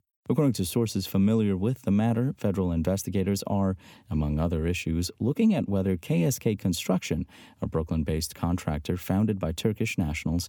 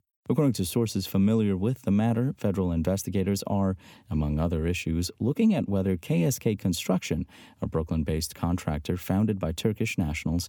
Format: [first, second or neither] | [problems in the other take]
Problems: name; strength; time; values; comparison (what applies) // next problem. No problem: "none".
neither | none